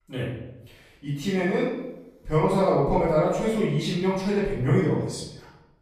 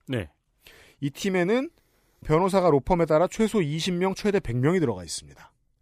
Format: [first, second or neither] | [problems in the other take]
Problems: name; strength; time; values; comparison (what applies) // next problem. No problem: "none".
second | off-mic speech; far // room echo; noticeable; dies away in 0.8 s